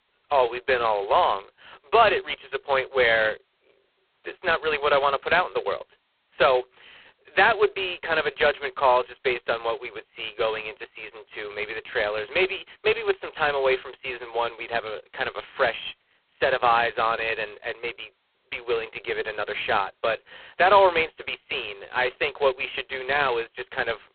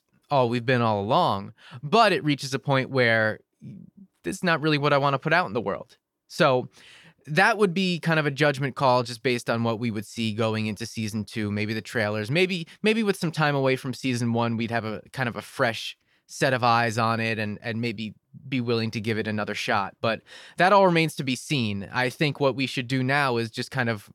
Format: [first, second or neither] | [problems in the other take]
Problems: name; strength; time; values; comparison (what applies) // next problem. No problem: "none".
second | phone-call audio; poor line; nothing above 4 kHz